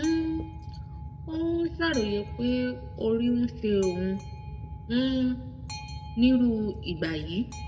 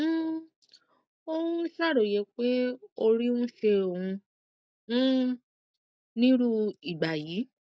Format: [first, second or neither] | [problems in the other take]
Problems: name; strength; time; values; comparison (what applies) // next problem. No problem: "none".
second | background sound (Boat, Water vehicle); 11 dB below the speech // room echo; dies away in 1 s